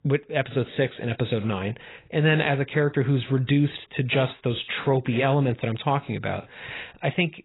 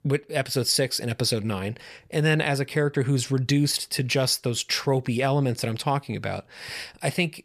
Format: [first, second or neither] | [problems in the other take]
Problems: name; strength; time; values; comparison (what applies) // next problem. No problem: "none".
second | garbled, watery; badly; nothing above 4 kHz